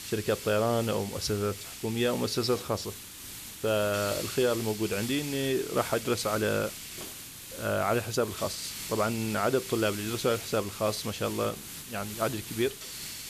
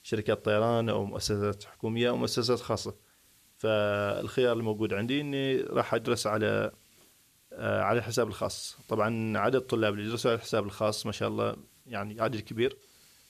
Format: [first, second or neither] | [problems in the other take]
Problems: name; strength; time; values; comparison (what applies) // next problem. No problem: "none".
second | hiss; loud; throughout; 9 dB below the speech; faint in the second